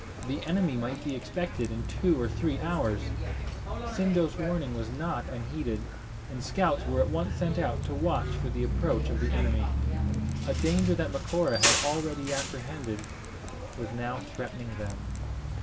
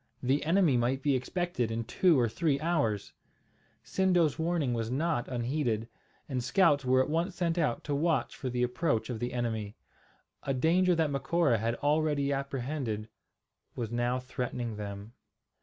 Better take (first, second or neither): second